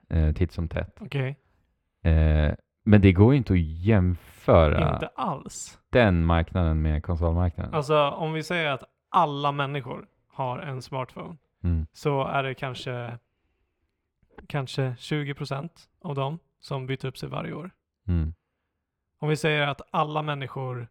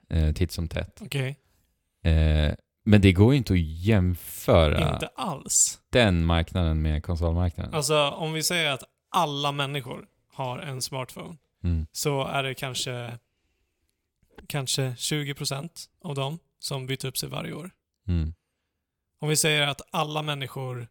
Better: second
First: muffled; very; fading above 4 kHz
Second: none

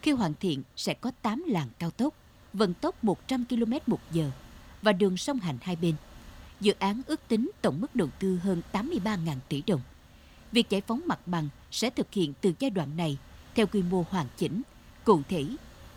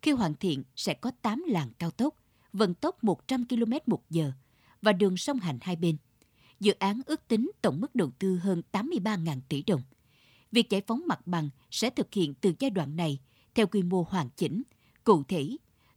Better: second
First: wind noise on the microphone; occasional gusts; 25 dB below the speech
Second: none

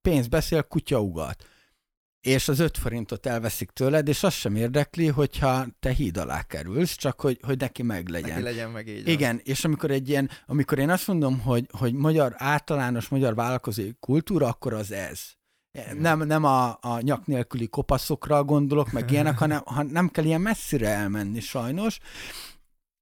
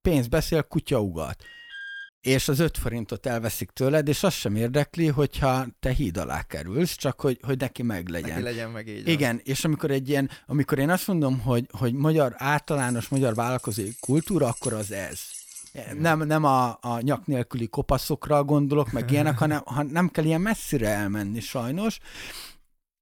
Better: first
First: none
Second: alarm; faint; at 1.5 s; peak 10 dB below the speech // jangling keys; noticeable; from 13 to 16 s; peak 8 dB below the speech

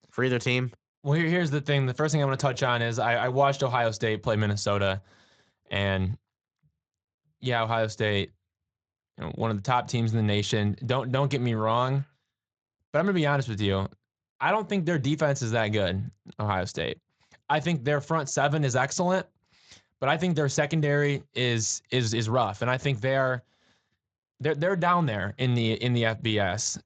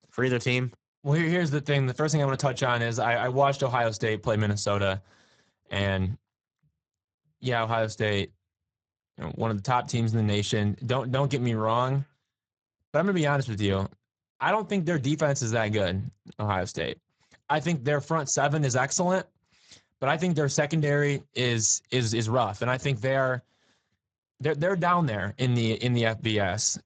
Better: first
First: garbled, watery; slightly; nothing above 7.5 kHz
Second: garbled, watery; badly; nothing above 7.5 kHz

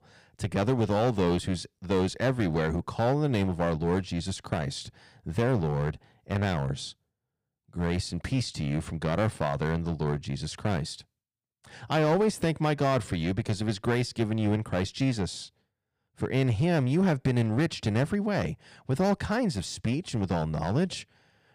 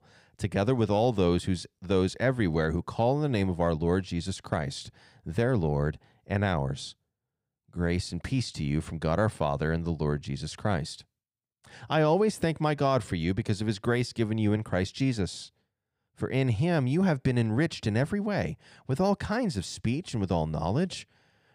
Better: second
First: distortion; slight; 7% of the sound clipped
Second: none

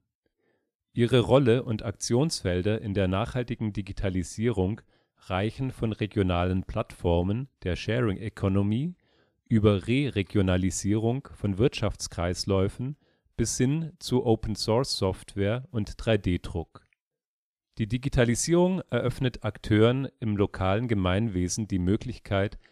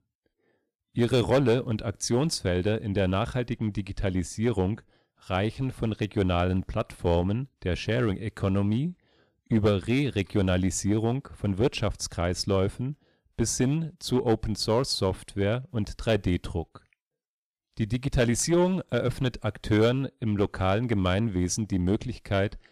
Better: first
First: none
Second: distortion; slight; 5% of the sound clipped

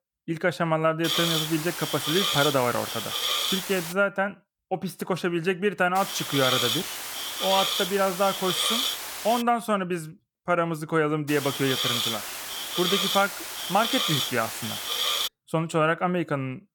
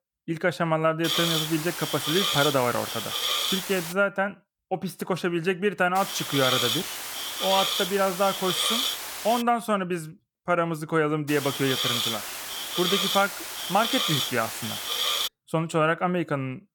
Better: neither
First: hiss; loud; from 1 to 4 s, from 6 to 9.5 s and from 11 to 15 s; as loud as the speech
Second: hiss; loud; from 1 to 4 s, from 6 to 9.5 s and from 11 to 15 s; as loud as the speech

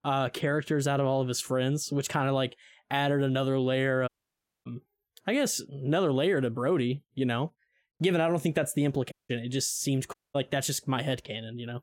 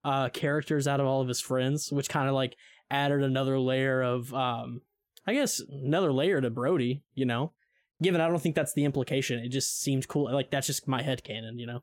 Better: second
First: audio cutting out; at 4 s for 0.5 s, at 9 s and at 10 s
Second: none

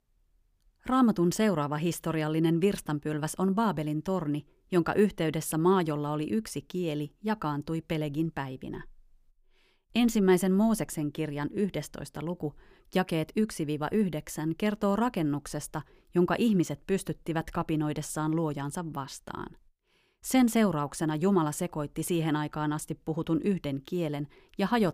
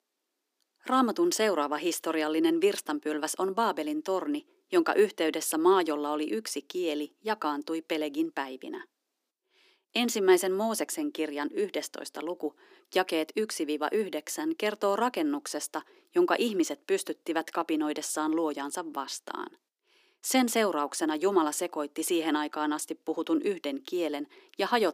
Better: first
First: none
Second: thin; somewhat; fading below 300 Hz

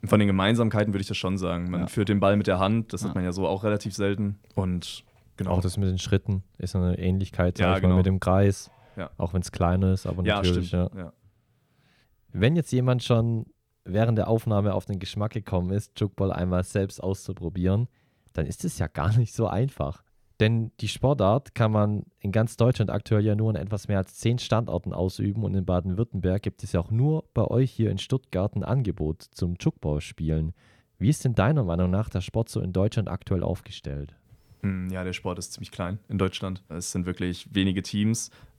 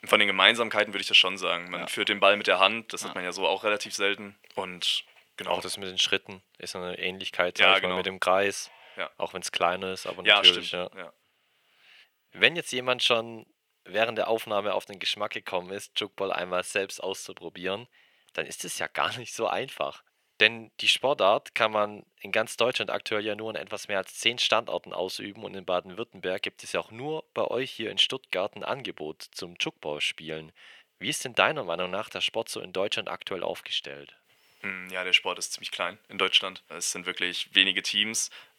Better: first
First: none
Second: thin; very; fading below 600 Hz

